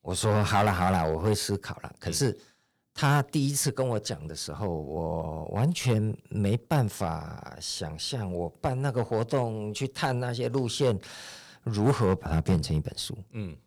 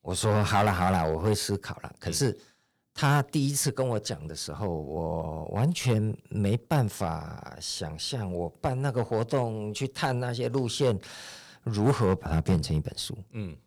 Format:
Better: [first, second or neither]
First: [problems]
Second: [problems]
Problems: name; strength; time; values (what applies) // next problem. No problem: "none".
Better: neither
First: distortion; slight; 2% of the sound clipped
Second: distortion; slight; 2% of the sound clipped